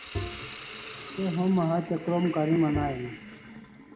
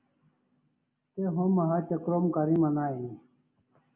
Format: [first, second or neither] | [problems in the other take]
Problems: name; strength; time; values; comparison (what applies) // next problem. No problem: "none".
second | background sound (Bowed string instrument + Hiss); 10 dB below the speech